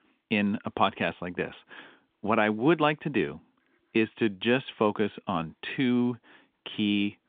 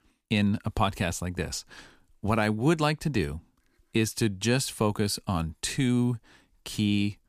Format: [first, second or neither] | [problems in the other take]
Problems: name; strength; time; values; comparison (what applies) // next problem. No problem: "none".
second | phone-call audio